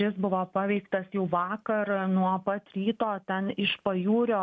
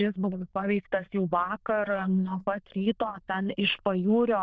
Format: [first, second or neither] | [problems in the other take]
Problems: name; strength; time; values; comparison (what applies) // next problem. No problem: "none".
first | noise reduction (neural diffusion model UNIVERSE++)